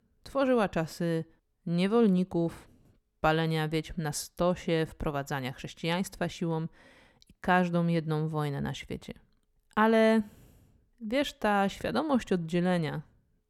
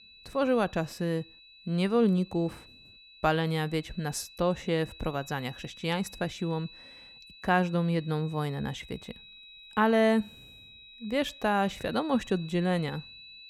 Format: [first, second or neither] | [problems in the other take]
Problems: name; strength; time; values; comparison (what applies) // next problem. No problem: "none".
first | high-pitched whine; noticeable; throughout; 4 kHz, 20 dB below the speech